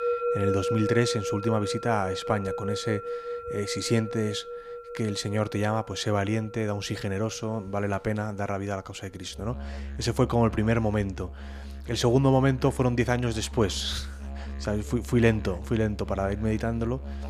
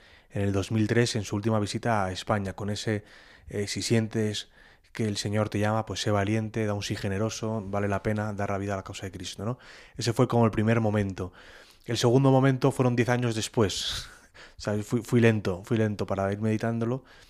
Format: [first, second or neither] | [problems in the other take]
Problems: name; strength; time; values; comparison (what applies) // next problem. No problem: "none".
second | background music; loud; throughout; 8 dB below the speech